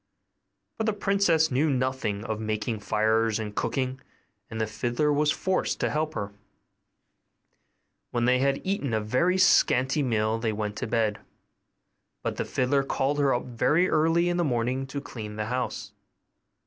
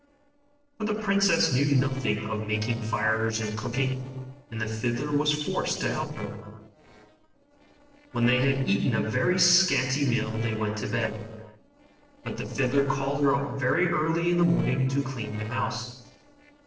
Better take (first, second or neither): first